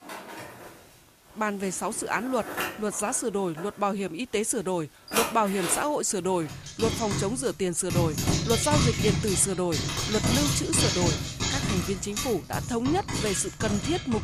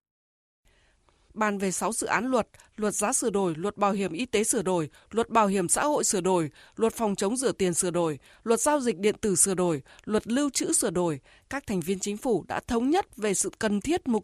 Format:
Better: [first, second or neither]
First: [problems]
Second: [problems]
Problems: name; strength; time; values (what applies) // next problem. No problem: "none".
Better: second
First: household noises; loud; throughout; as loud as the speech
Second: none